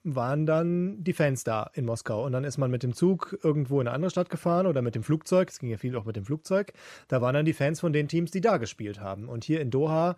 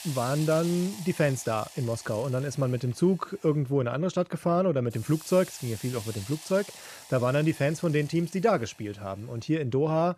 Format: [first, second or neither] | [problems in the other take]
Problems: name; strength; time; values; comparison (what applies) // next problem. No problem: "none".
first | hiss; noticeable; throughout; 15 dB below the speech